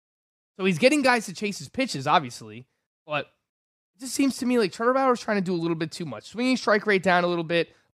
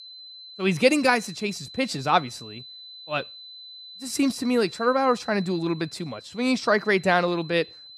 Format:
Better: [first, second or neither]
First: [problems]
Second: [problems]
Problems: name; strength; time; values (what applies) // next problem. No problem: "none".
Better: first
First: none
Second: high-pitched whine; noticeable; throughout; 4 kHz, 15 dB below the speech